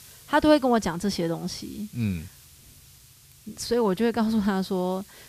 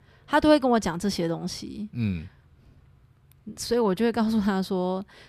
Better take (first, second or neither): second